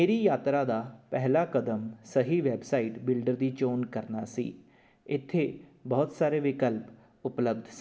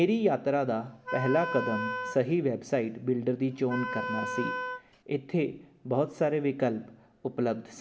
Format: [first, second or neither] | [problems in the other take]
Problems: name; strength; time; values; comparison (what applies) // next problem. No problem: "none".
first | background sound (Wind instrument, woodwind instrument); 6 dB below the speech